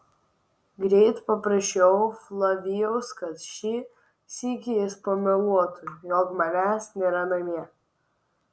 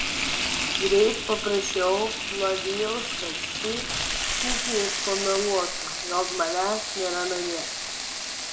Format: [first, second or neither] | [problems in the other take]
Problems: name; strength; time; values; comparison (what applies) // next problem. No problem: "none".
first | background sound (Frying (food)); 1 dB below the speech // room echo; dies away in 0.6 s